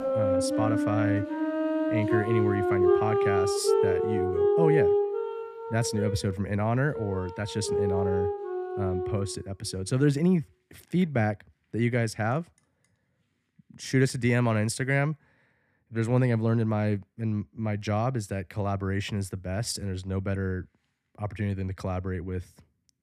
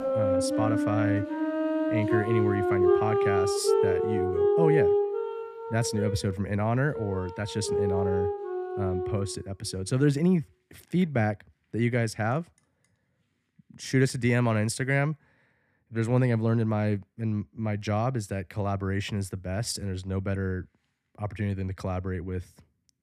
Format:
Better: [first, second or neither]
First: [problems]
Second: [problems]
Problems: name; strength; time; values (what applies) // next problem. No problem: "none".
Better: neither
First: background music; very loud; until 9 s; 2 dB above the speech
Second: background music; very loud; until 9 s; 2 dB above the speech